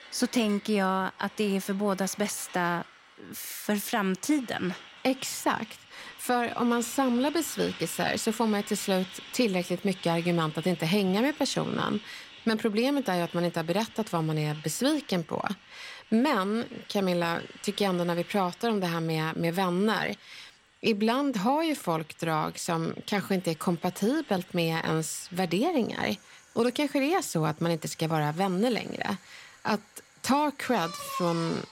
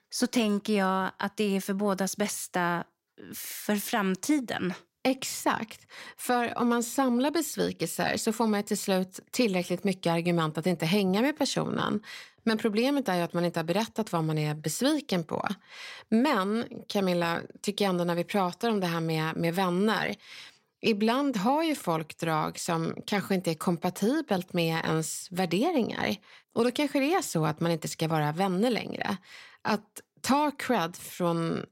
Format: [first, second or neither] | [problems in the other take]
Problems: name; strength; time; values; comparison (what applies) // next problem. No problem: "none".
second | traffic noise; noticeable; throughout; 20 dB below the speech